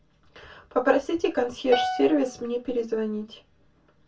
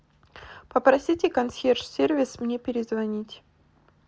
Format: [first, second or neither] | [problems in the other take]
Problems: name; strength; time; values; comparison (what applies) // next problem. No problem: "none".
second | background sound (Piano); 6 dB below the speech // room echo; dies away in 0.2 s